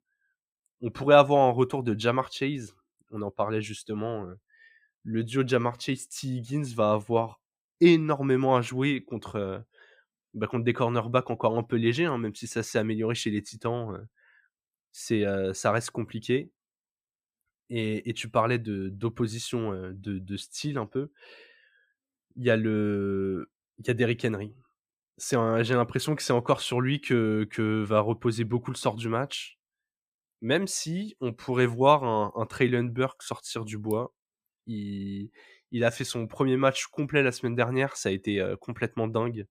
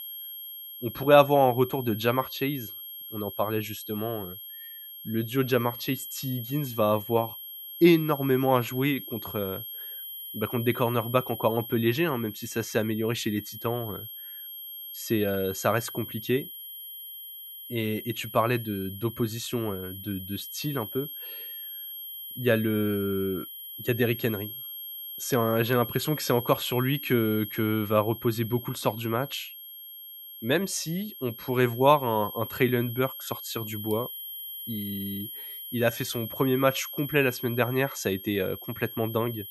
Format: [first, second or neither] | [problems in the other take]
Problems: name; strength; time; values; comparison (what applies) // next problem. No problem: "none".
first | high-pitched whine; loud; throughout; 11.5 kHz, 10 dB below the speech